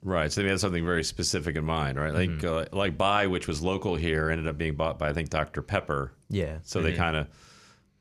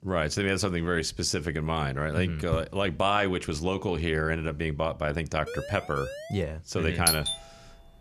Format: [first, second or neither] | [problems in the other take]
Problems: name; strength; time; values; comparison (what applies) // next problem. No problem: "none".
first | door banging; noticeable; at 2.5 s; peak 7 dB below the speech // siren; noticeable; at 5.5 s; peak 10 dB below the speech // doorbell; loud; at 7 s; peak 4 dB above the speech